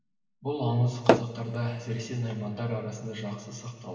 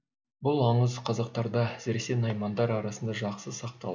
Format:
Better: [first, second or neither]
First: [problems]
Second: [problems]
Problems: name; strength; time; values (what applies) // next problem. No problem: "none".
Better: second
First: background sound (Tap / Hammer); 4 dB above the speech // room echo; dies away in 1.2 s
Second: none